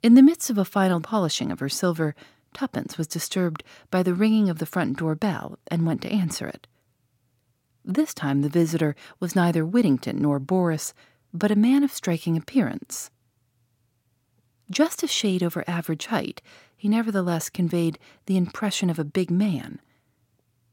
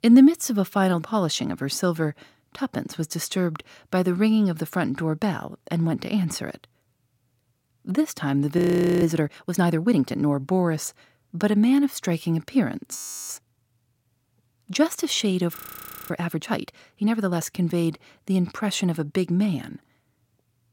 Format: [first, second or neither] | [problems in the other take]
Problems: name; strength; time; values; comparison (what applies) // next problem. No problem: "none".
first | audio freezing; at 8.5 s, at 13 s and at 16 s for 0.5 s